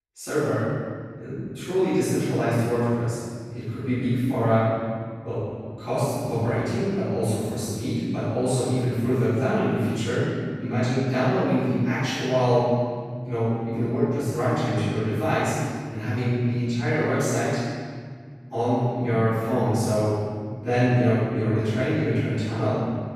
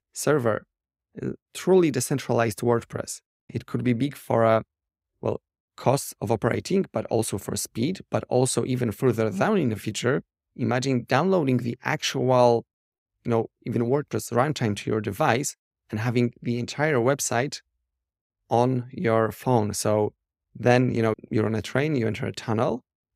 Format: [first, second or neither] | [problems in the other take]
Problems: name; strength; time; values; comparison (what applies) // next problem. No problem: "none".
second | room echo; strong; dies away in 2 s // off-mic speech; far